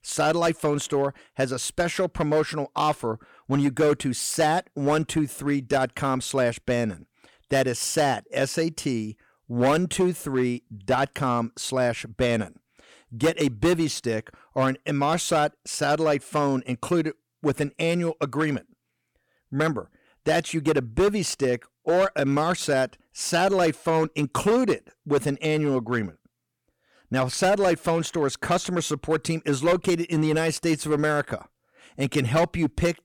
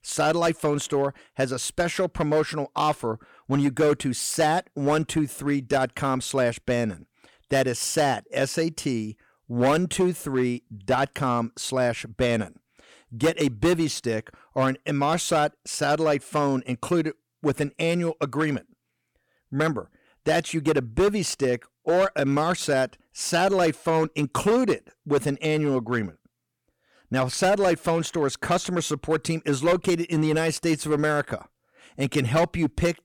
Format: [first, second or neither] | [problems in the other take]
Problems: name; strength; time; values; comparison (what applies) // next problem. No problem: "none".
neither | distortion; slight; 6% of the sound clipped; the same in both